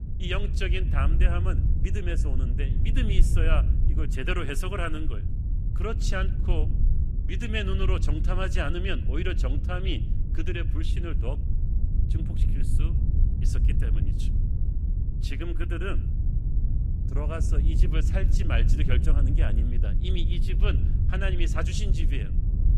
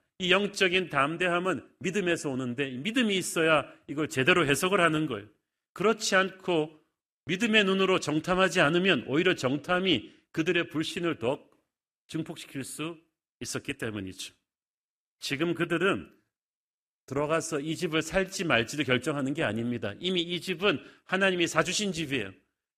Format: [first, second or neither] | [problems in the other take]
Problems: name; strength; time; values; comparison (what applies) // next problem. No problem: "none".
second | wind noise on the microphone; heavy; 8 dB below the speech